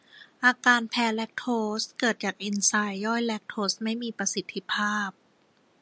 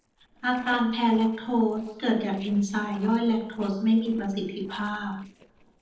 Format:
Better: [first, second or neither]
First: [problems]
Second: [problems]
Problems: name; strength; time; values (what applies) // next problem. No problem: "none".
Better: first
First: none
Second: noise reduction (neural separator model SepFormer DNS4)